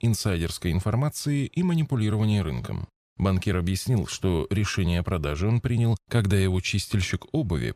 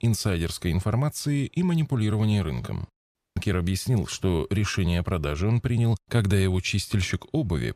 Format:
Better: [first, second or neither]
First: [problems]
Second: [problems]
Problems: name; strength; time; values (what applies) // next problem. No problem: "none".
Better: first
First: none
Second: audio cutting out; at 3 s